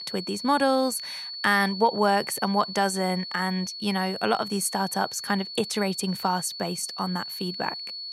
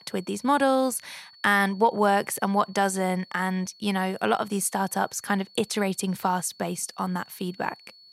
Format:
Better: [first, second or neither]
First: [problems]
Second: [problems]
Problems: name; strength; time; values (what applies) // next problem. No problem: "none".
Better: second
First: high-pitched whine; loud; throughout; 4.5 kHz, 8 dB below the speech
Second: high-pitched whine; faint; throughout; 4.5 kHz, 25 dB below the speech